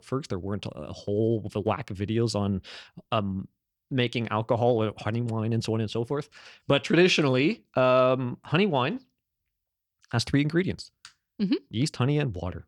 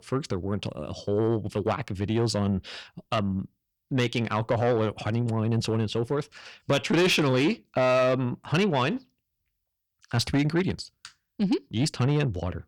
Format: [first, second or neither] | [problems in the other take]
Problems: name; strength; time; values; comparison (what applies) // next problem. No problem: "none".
first | distortion; slight; 10 dB below the speech